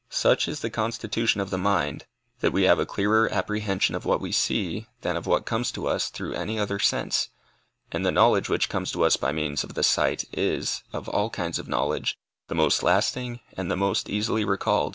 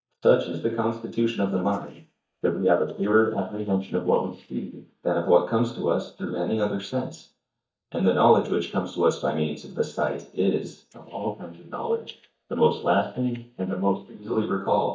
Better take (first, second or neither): first